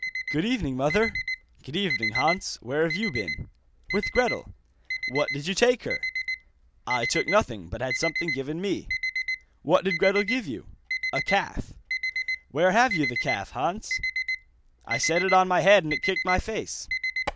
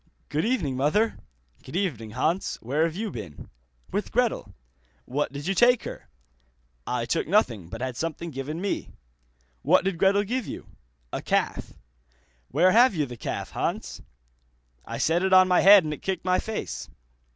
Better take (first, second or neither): second